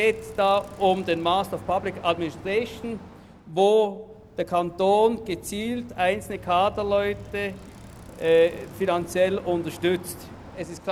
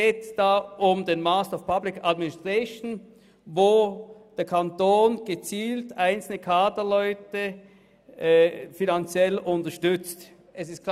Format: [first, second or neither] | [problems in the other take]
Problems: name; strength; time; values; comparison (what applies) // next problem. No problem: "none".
second | background sound (Bicycle); 18 dB below the speech